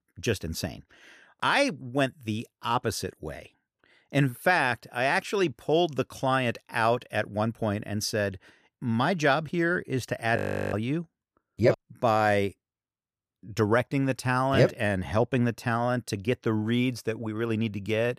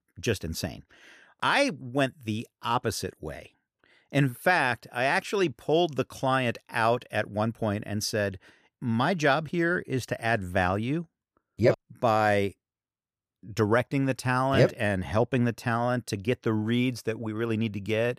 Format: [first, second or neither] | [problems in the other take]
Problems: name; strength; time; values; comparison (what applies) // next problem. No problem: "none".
second | audio freezing; at 10 s